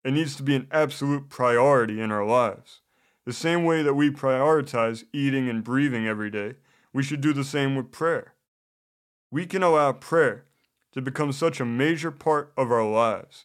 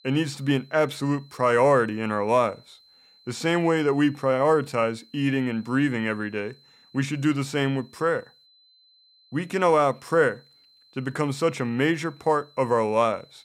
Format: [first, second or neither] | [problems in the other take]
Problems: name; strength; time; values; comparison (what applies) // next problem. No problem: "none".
first | high-pitched whine; faint; throughout; 4 kHz, 30 dB below the speech